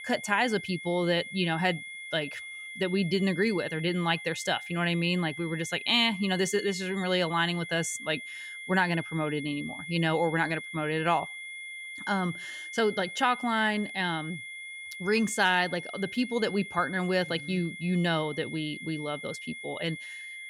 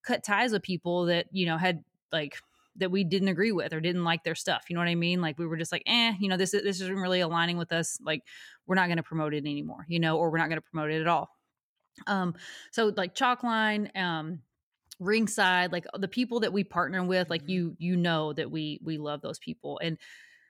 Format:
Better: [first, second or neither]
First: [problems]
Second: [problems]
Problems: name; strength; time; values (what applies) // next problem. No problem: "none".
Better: second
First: high-pitched whine; noticeable; throughout; 2 kHz, 10 dB below the speech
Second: none